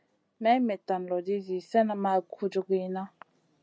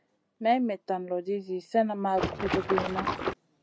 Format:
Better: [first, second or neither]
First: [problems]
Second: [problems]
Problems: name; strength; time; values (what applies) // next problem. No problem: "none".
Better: first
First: none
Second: background sound (Water / Splash, splatter); 1 dB below the speech